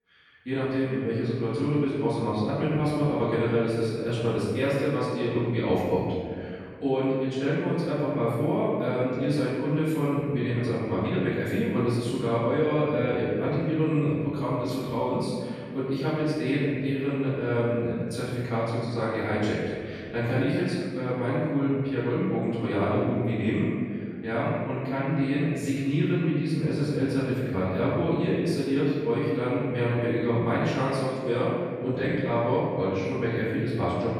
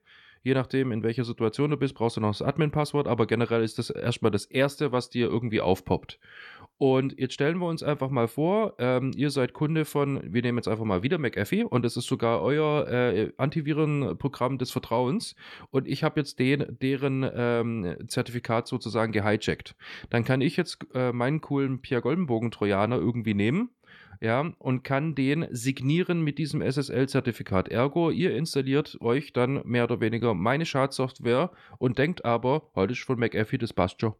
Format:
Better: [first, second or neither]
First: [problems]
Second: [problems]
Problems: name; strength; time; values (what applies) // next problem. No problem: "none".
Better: second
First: off-mic speech; far // room echo; strong; dies away in 2 s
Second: none